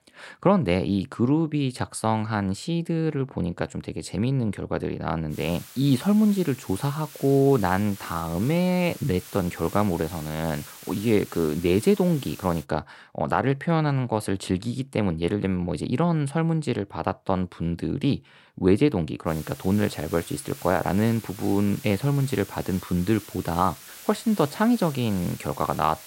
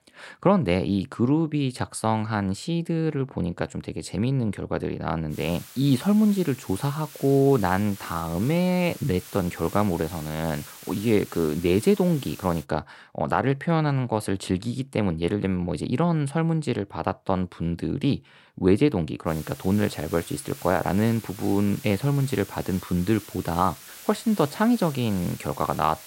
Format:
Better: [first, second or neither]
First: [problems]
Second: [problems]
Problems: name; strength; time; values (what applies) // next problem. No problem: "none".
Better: neither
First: hiss; noticeable; from 5.5 to 13 s and from 19 s on; 15 dB below the speech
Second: hiss; noticeable; from 5.5 to 13 s and from 19 s on; 15 dB below the speech